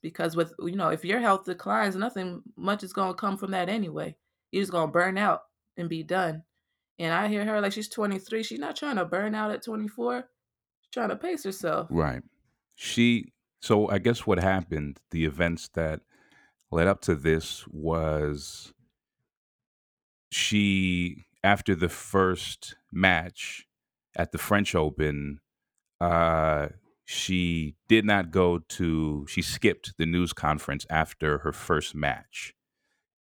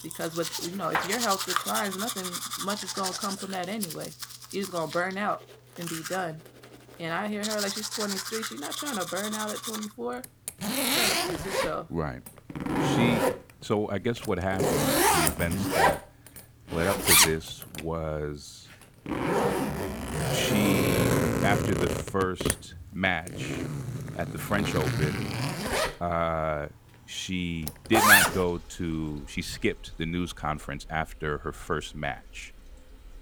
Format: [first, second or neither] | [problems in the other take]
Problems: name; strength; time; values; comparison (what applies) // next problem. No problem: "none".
first | household noises; very loud; throughout; 5 dB above the speech